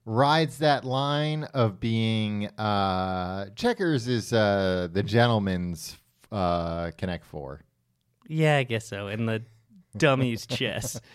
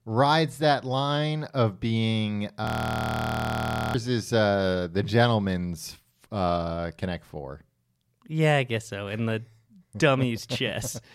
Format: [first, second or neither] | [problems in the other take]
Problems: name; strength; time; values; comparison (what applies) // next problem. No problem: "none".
first | audio freezing; at 2.5 s for 1.5 s